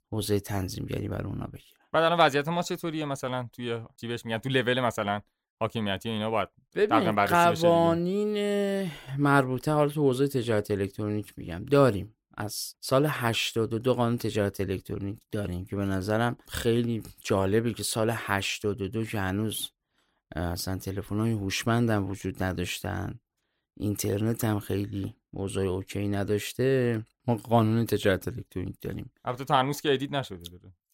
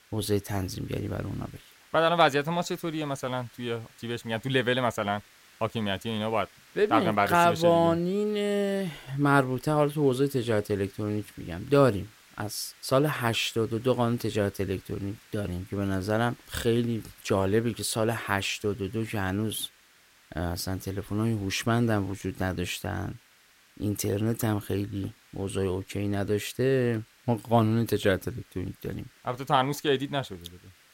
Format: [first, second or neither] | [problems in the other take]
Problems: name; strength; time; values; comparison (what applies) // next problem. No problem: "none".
first | hiss; faint; throughout; 25 dB below the speech